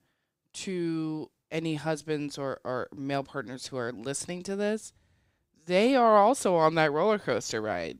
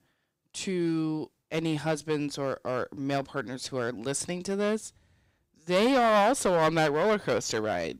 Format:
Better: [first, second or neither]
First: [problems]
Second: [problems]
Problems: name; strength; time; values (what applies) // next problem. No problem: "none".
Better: first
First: none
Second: distortion; heavy; 6% of the sound clipped